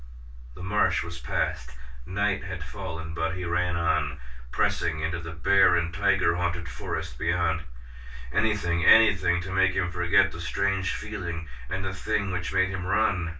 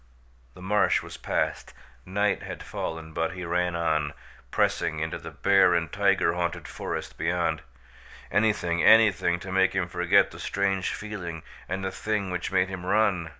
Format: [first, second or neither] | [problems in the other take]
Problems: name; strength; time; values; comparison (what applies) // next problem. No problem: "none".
second | room echo; dies away in 0.1 s